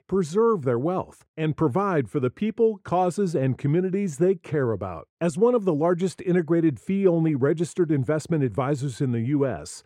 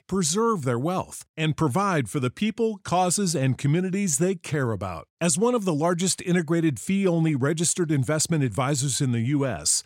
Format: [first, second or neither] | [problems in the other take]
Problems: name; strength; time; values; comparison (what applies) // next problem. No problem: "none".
second | muffled; very; fading above 3 kHz